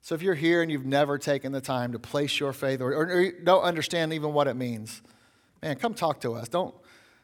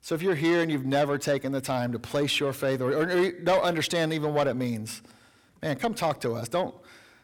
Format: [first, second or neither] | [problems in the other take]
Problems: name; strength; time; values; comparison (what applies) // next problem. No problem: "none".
first | distortion; slight; 10 dB below the speech